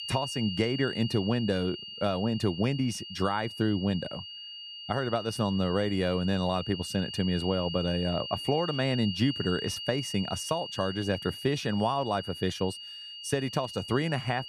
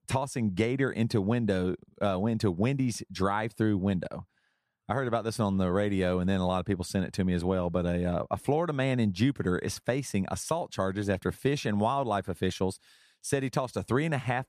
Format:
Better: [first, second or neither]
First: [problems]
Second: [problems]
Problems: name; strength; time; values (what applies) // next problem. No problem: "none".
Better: second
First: high-pitched whine; loud; throughout; 3 kHz, 8 dB below the speech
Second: none